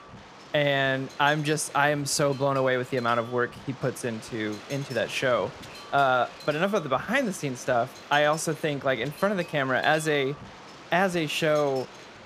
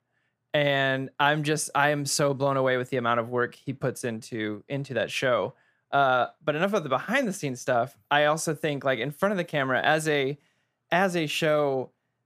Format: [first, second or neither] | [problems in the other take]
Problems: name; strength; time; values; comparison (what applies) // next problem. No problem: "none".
second | wind noise on the microphone; occasional gusts; 15 dB below the speech